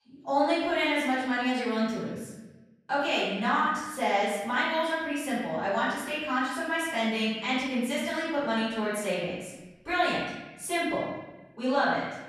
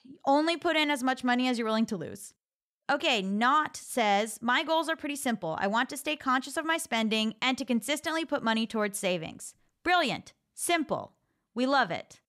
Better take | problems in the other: second | room echo; strong; dies away in 1.1 s // off-mic speech; far

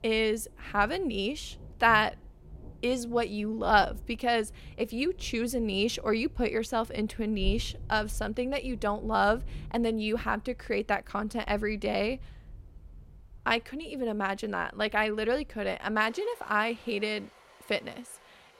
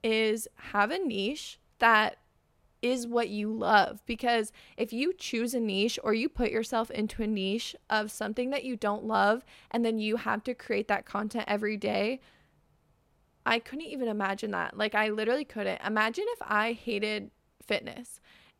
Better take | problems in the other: second | rain or running water; noticeable; throughout; 20 dB below the speech

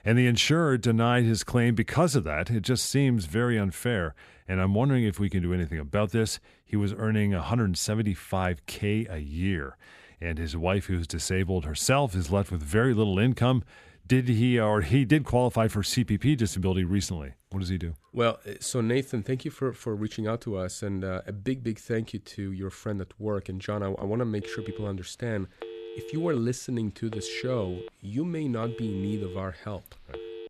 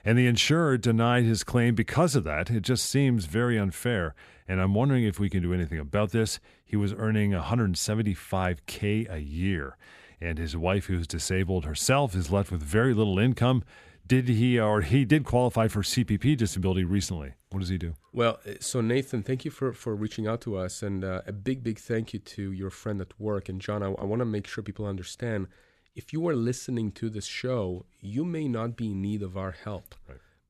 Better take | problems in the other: second | phone ringing; faint; from 24 s on; peak 10 dB below the speech

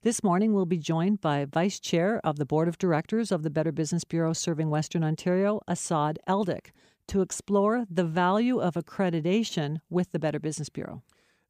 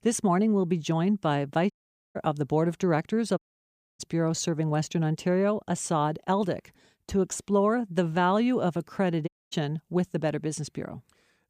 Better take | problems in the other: first | audio cutting out; at 1.5 s, at 3.5 s for 0.5 s and at 9.5 s

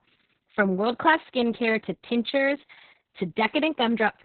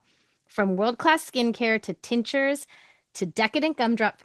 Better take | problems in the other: second | garbled, watery; badly; nothing above 4 kHz; slightly in the second

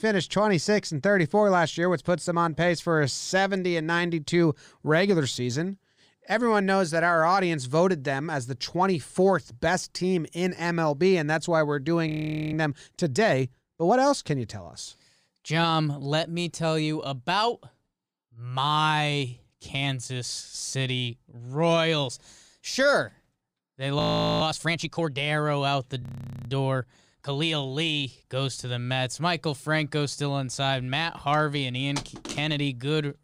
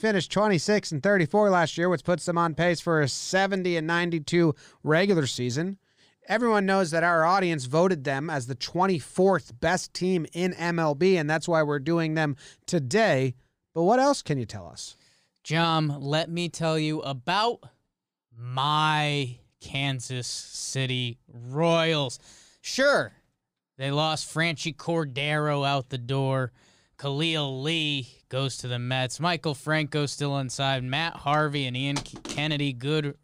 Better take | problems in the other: second | audio freezing; at 12 s, at 24 s and at 26 s

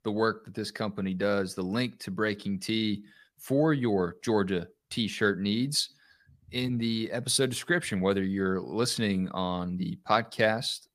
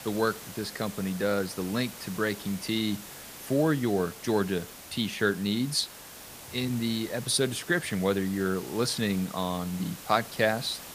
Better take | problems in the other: first | hiss; noticeable; throughout; 15 dB below the speech

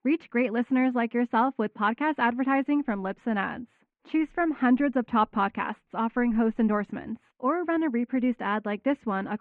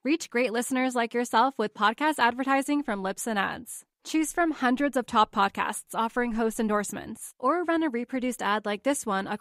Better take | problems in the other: second | muffled; very; fading above 2.5 kHz

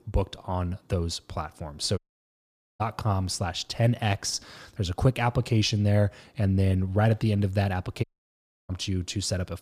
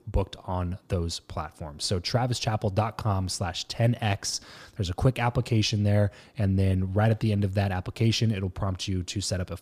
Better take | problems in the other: second | audio cutting out; at 2 s for 1 s and at 8 s for 0.5 s

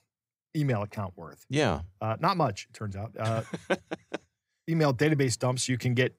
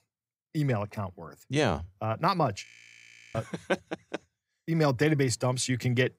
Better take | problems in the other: first | audio freezing; at 2.5 s for 0.5 s

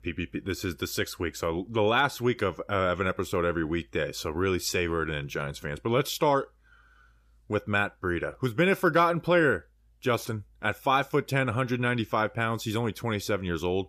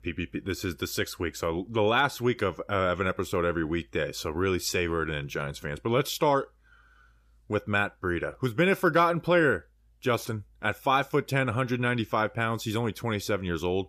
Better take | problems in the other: neither | none

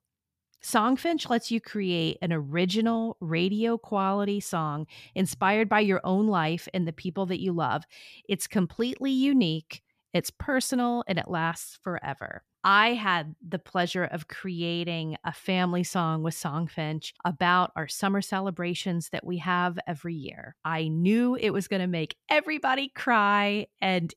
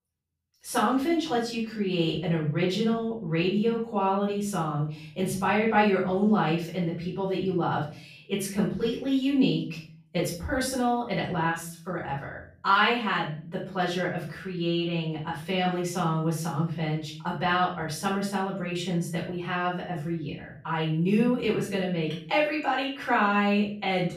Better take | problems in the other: first | room echo; noticeable; dies away in 0.4 s // off-mic speech; far

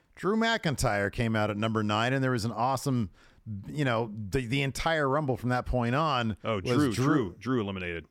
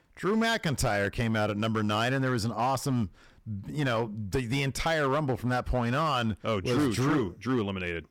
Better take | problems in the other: first | distortion; slight; 8% of the sound clipped

